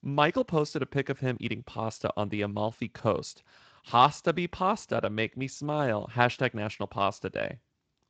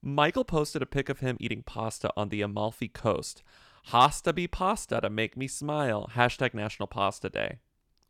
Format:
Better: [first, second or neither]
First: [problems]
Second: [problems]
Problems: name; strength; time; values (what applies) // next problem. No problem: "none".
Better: second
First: garbled, watery; slightly; nothing above 7.5 kHz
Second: none